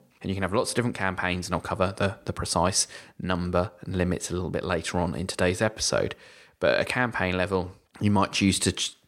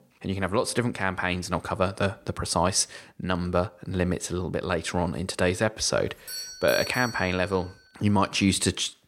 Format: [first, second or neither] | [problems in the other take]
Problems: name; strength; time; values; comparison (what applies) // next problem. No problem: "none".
first | doorbell; noticeable; from 6.5 to 7.5 s; peak 6 dB below the speech